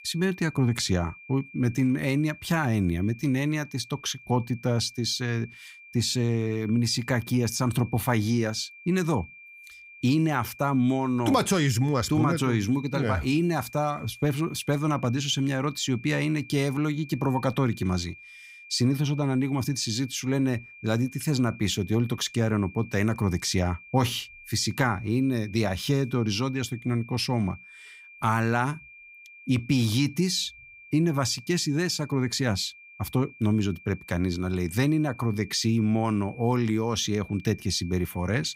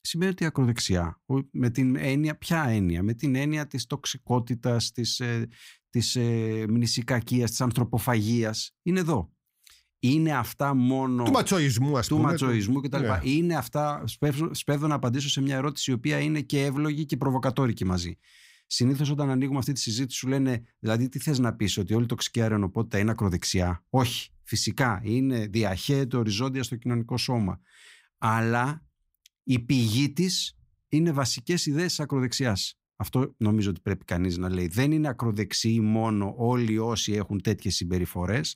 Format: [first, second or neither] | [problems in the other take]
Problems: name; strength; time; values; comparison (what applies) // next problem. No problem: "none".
second | high-pitched whine; noticeable; throughout; 2.5 kHz, 20 dB below the speech